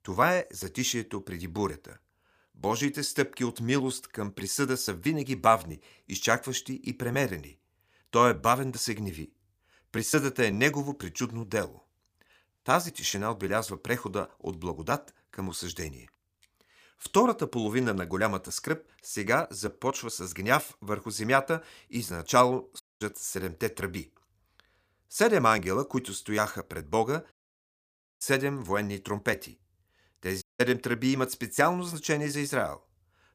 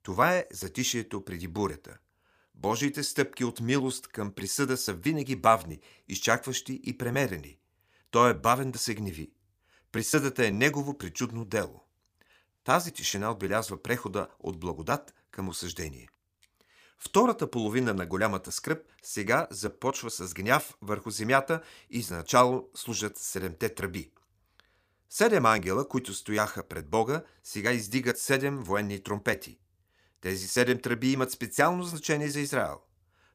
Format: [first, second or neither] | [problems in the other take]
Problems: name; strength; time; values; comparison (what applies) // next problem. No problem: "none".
second | audio cutting out; at 23 s, at 27 s for 1 s and at 30 s